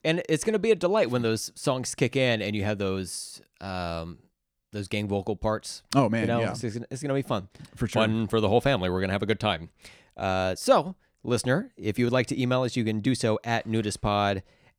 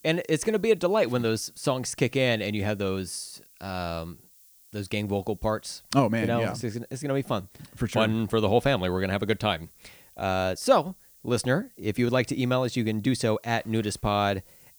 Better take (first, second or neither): first